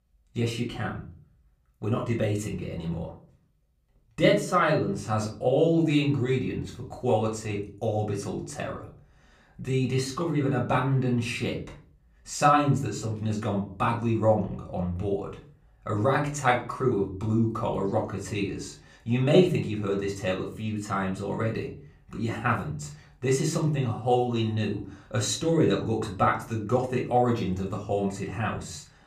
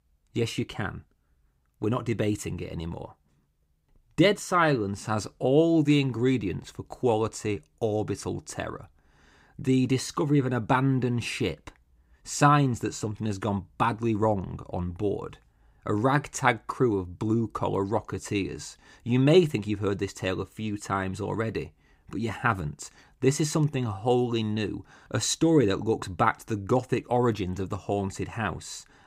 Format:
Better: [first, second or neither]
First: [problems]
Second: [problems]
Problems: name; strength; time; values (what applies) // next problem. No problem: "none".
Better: second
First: off-mic speech; somewhat distant // room echo; slight; dies away in 0.3 s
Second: none